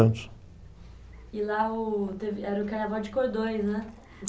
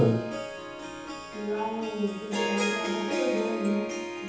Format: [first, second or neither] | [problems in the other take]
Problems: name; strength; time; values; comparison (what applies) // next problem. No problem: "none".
first | background sound (Harp); 2 dB below the speech // room echo; dies away in 2.2 s